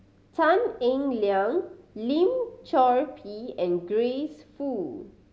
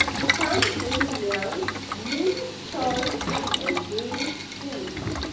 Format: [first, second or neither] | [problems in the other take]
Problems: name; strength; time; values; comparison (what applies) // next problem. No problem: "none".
first | background sound (Boiling); 2 dB above the speech // room echo; dies away in 0.3 s